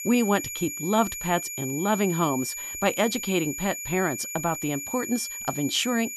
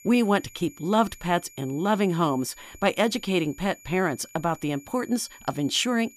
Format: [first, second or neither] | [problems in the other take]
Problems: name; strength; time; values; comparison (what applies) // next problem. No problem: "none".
second | high-pitched whine; loud; throughout; 7 kHz, 5 dB below the speech; faint in the second